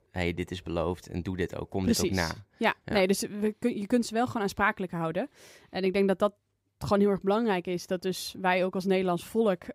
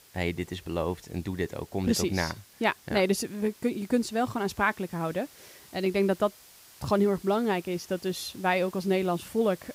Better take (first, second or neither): first